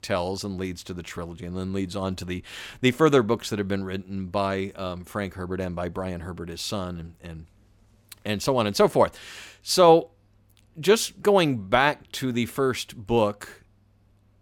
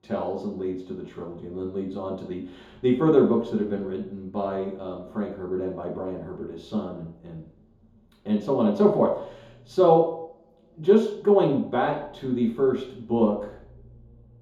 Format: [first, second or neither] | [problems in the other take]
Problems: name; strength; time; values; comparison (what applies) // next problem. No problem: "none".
first | room echo; noticeable; dies away in 3 s // off-mic speech; far